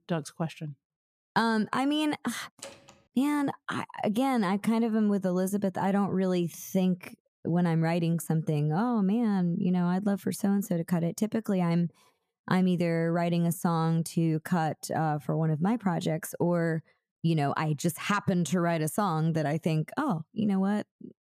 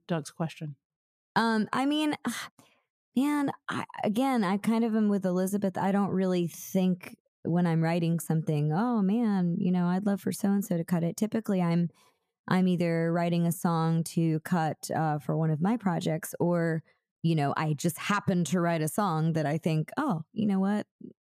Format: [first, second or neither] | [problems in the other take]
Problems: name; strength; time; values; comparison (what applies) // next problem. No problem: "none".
second | door banging; faint; at 2.5 s; peak 15 dB below the speech